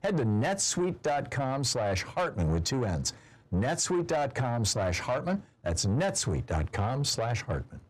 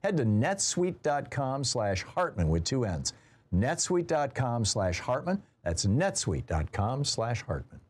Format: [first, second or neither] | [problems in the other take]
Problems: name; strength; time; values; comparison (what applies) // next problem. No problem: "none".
second | distortion; slight; 10 dB below the speech